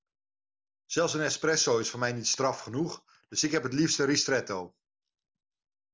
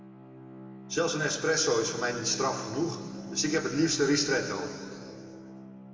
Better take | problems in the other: first | background sound (Bowed string instrument); 13 dB below the speech // room echo; dies away in 2.4 s

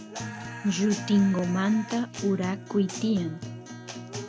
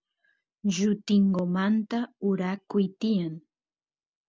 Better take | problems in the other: second | background sound (Guitar); 11 dB below the speech

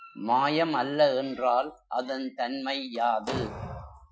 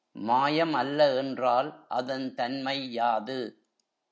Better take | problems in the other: second | noise reduction (classical method Wiener filter)

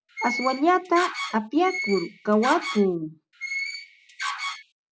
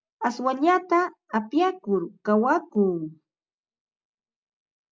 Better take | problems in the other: second | background sound (Door); 7 dB below the speech

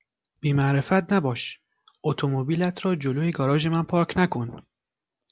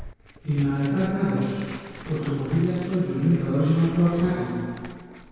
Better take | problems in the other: first | background sound (Tearing); 19 dB below the speech // room echo; dies away in 2 s

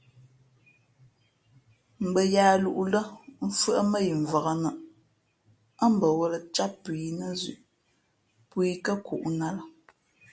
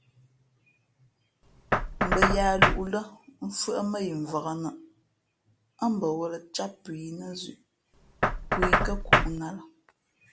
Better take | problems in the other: first | background sound (Knock); 2 dB above the speech

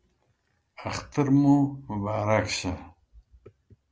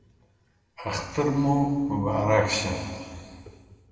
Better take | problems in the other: first | room echo; dies away in 2.1 s

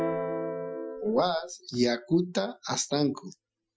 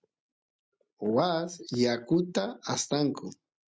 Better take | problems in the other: second | noise reduction (classical method Wiener filter)

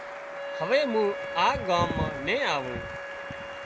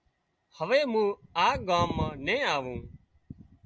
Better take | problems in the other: second | background sound (Applause + Wind instrument, woodwind instrument); 7 dB below the speech

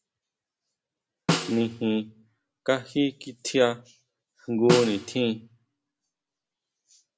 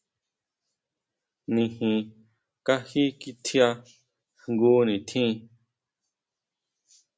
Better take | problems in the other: second | background sound (Snare drum); 4 dB below the speech

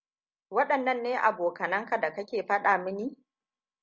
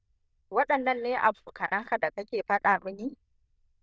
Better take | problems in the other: first | noise reduction (neural diffusion model UNIVERSE++)

